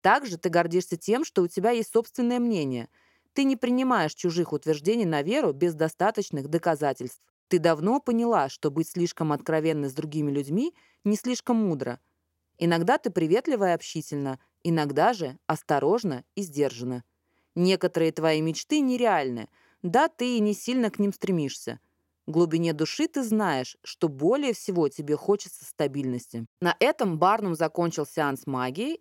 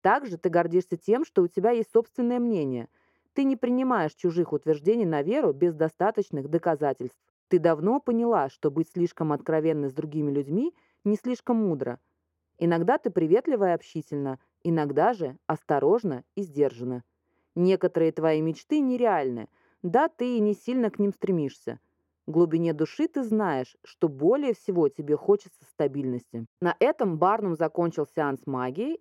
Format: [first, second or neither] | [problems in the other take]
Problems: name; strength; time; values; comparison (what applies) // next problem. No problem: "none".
first | muffled; slightly; fading above 2.5 kHz